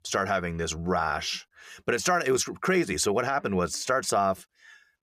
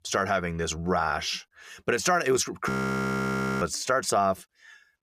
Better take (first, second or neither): first